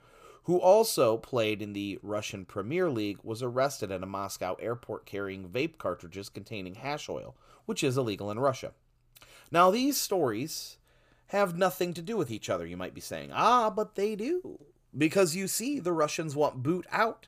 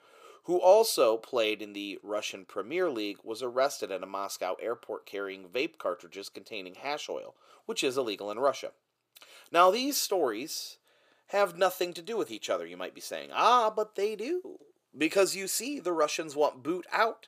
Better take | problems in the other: first | thin; somewhat; fading below 400 Hz

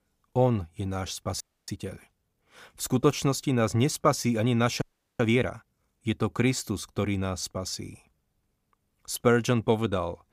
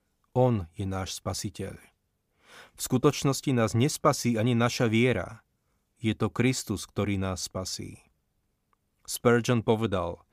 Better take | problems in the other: second | audio freezing; at 1.5 s and at 5 s

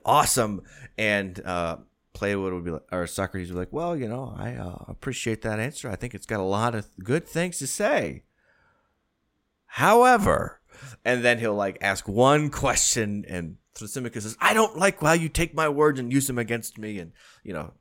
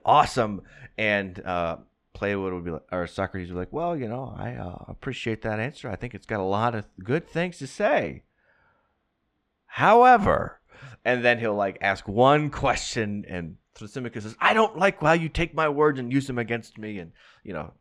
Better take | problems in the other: first | muffled; slightly; fading above 3 kHz

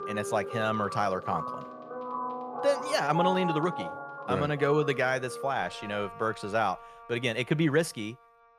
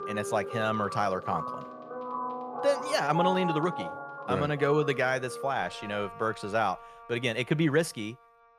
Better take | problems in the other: neither | background music; loud; throughout; 7 dB below the speech; the same in both

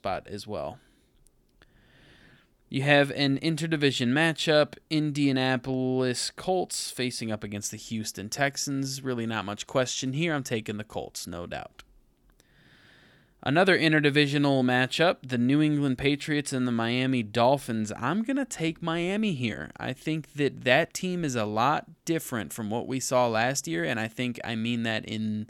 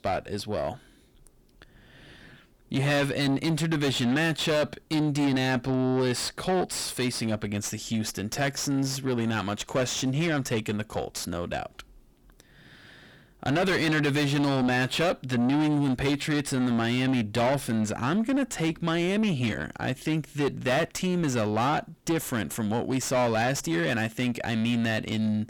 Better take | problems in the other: first | distortion; heavy; 6 dB below the speech

